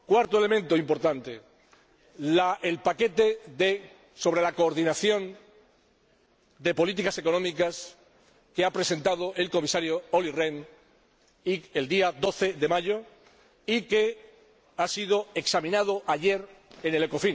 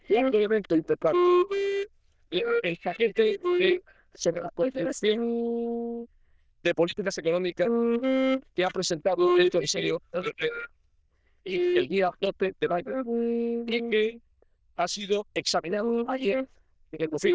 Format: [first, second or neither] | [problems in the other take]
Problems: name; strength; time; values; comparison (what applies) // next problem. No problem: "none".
first | noise reduction (neural diffusion model UNIVERSE++)